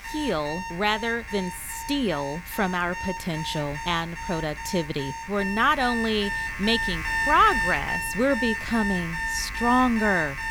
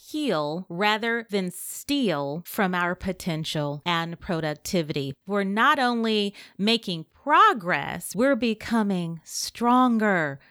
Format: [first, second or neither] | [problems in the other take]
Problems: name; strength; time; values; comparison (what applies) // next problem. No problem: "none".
second | alarms or sirens; loud; throughout; 4 dB below the speech